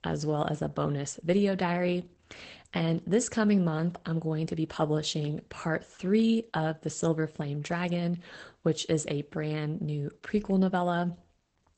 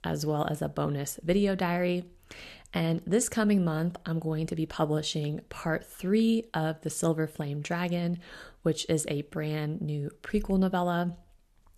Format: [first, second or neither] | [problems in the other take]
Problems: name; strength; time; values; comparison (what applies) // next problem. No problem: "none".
second | garbled, watery; badly; nothing above 8 kHz